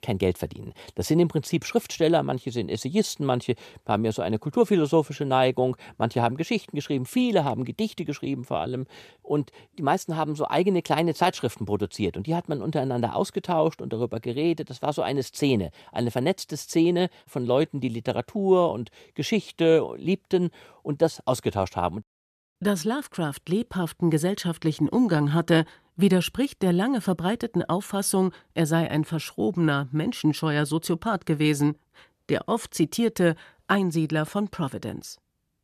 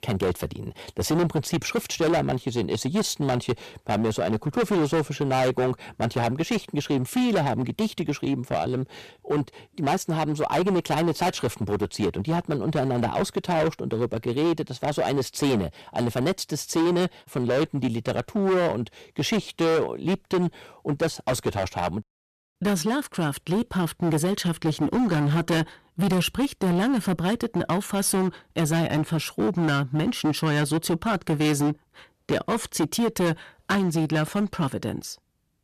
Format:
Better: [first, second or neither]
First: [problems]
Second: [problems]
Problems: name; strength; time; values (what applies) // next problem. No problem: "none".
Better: first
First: none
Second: distortion; heavy; 15% of the sound clipped